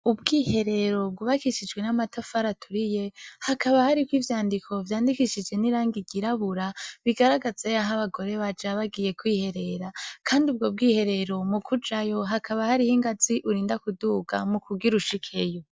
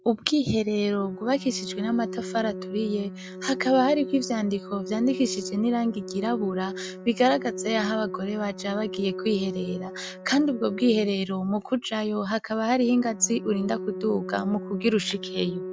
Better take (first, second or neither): first